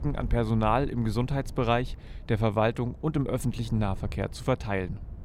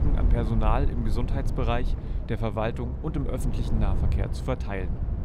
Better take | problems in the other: first | low rumble; loud; throughout; 9 dB below the speech; faint in the first

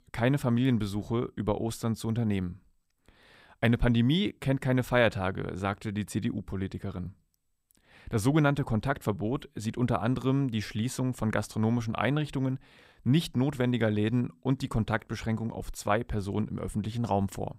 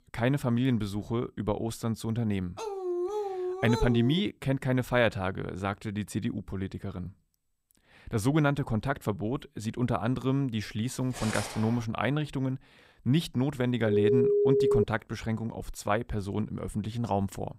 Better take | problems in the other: first | dog barking; noticeable; from 2.5 to 4 s; peak 1 dB below the speech // clattering dishes; noticeable; at 11 s; peak 6 dB below the speech // phone ringing; loud; at 14 s; peak 6 dB above the speech

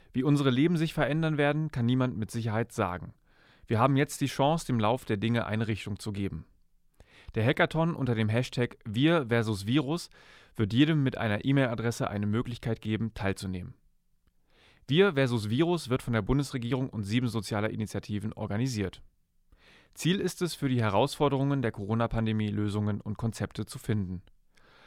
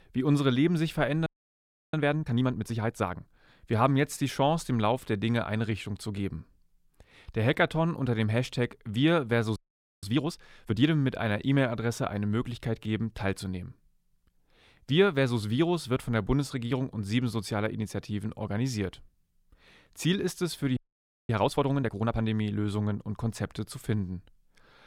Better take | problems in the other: first | audio freezing; at 1.5 s for 0.5 s, at 9.5 s and at 21 s for 0.5 s

